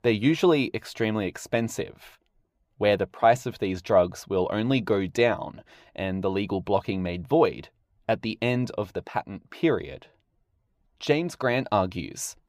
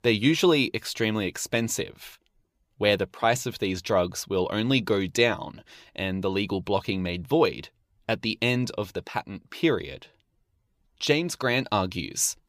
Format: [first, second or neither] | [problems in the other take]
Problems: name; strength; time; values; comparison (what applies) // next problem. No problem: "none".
second | muffled; slightly; fading above 2.5 kHz